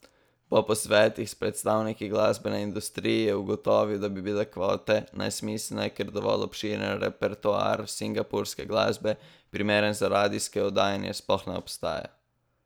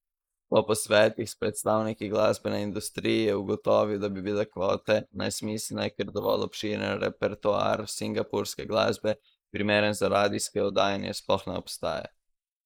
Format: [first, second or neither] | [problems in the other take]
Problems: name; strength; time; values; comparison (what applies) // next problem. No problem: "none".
first | noise reduction (neural mask model Resemble Enhance denoiser)